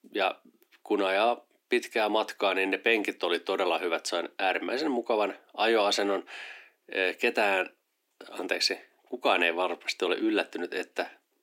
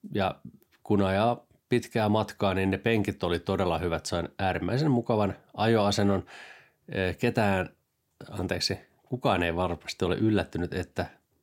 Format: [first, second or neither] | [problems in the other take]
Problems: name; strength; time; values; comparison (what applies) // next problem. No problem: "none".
second | thin; somewhat; fading below 300 Hz